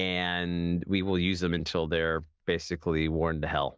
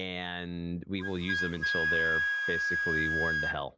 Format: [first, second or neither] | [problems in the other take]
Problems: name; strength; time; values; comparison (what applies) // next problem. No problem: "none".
first | background sound (Wind instrument, woodwind instrument); 4 dB above the speech